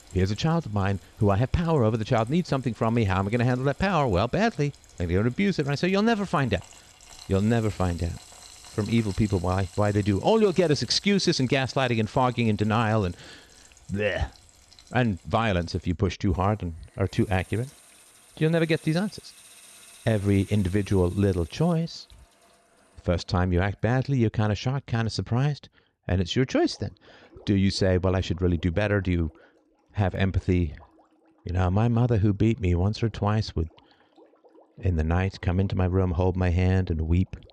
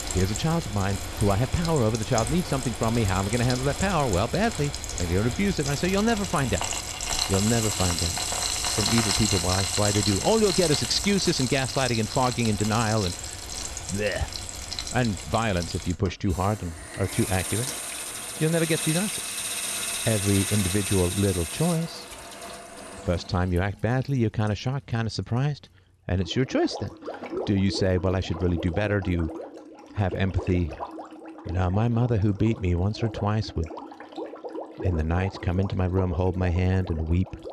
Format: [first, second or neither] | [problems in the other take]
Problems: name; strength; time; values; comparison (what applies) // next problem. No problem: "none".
first | household noises; loud; throughout; 4 dB below the speech; faint in the first